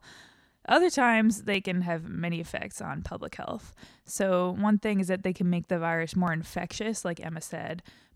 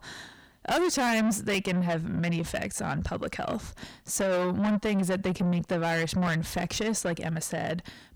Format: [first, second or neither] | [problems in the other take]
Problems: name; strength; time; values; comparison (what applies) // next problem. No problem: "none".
first | distortion; heavy; 6 dB below the speech